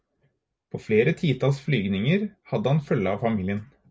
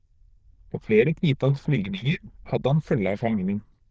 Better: first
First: none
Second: noise reduction (neural diffusion model UNIVERSE++)

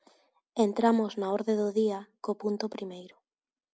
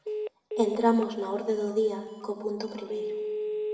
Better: first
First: none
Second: background sound (Telephone); 6 dB below the speech // room echo; dies away in 1.7 s

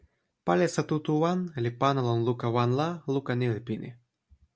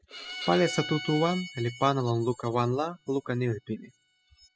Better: first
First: none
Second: noise reduction (classical method spectral subtraction)

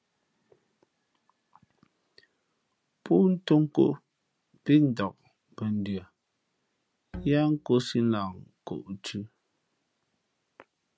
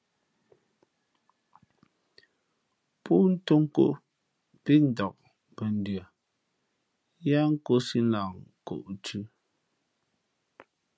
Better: second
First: background sound (Bowed string instrument); 15 dB below the speech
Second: none

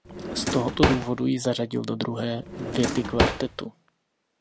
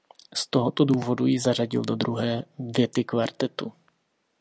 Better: second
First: background sound (Drawer open or close); as loud as the speech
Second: none

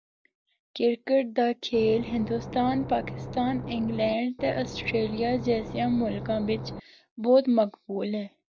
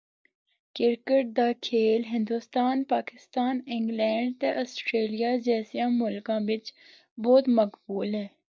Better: second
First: background sound (Engine / Boat, Water vehicle); 10 dB below the speech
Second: none

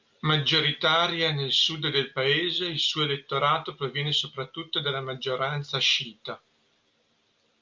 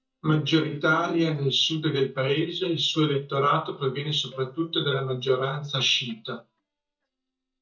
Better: first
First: none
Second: noise reduction (neural mask model DeepFilterNet 3)

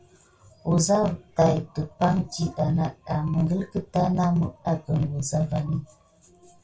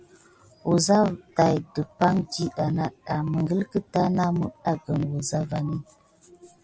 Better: second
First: room echo; dies away in 0.2 s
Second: none

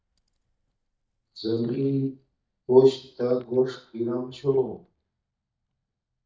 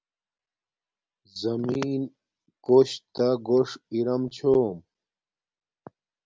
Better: second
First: noise reduction (neural mask model DeepFilterNet 3)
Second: none

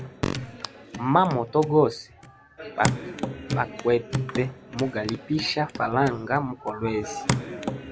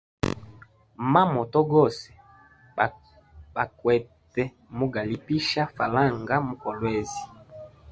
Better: second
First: background sound (Hands / Wood); 7 dB below the speech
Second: none

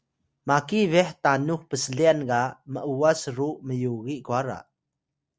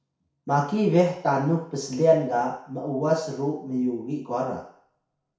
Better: first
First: none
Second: room echo; dies away in 0.6 s

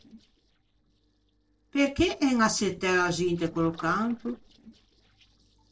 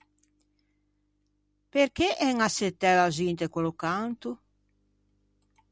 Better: second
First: noise reduction (neural separator model SepFormer DNS4)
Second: none

